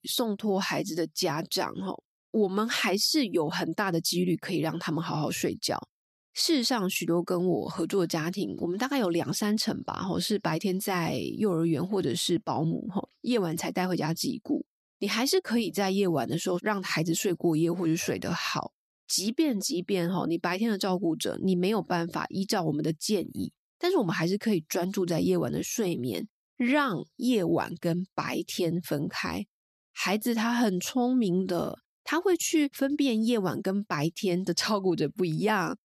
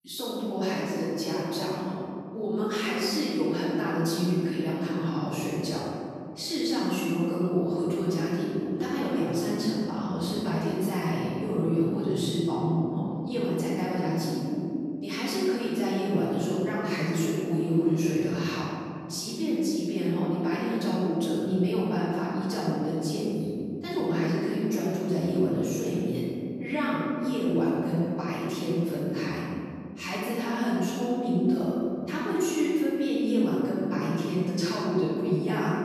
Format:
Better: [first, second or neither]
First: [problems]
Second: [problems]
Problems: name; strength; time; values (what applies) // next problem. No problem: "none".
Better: first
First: none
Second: room echo; strong; dies away in 2.6 s // off-mic speech; far